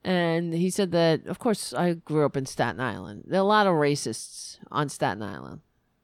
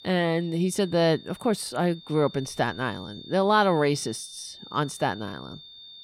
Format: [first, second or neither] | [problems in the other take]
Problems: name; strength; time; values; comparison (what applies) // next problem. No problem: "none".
first | high-pitched whine; noticeable; throughout; 3.5 kHz, 20 dB below the speech